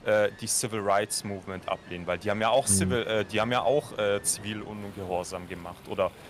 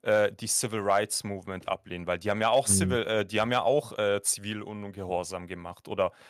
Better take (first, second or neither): second